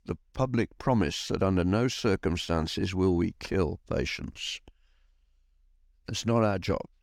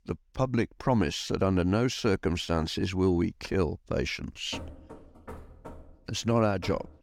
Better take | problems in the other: first | door banging; faint; from 4.5 s on; peak 15 dB below the speech

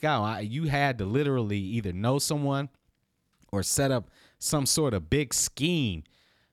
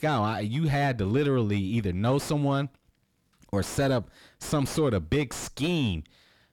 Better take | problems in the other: first | distortion; heavy; 7 dB below the speech

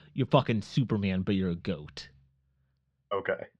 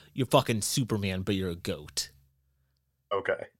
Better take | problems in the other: second | muffled; slightly; fading above 3.5 kHz

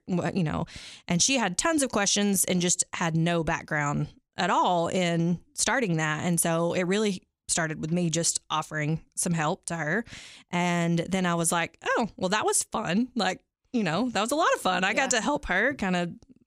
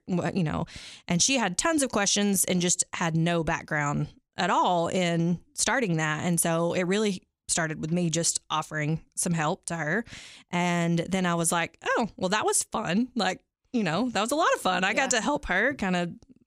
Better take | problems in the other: neither | none

